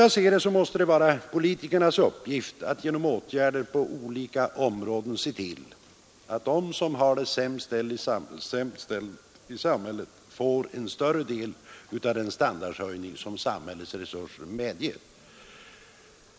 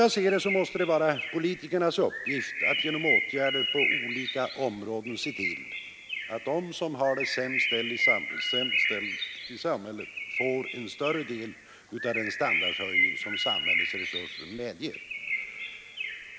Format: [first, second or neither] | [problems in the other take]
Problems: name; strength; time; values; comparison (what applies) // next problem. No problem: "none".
first | background sound (Bird); as loud as the speech